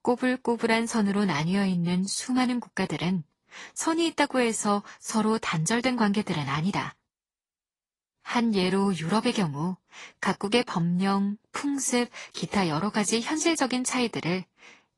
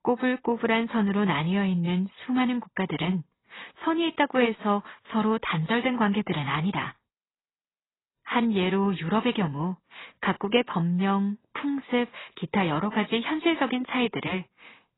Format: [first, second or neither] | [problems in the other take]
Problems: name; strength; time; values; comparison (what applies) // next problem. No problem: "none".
first | garbled, watery; badly; nothing above 4 kHz; slightly in the first